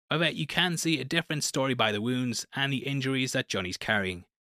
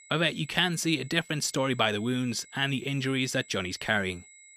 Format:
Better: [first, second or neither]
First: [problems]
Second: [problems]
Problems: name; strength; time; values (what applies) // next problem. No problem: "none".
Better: first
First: none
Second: high-pitched whine; faint; throughout; 8 kHz, 25 dB below the speech